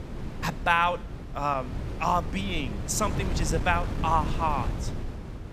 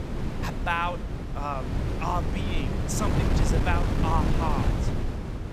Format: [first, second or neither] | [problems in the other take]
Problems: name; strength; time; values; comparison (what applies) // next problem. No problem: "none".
first | wind noise on the microphone; heavy; 4 dB below the speech; occasional gusts in the first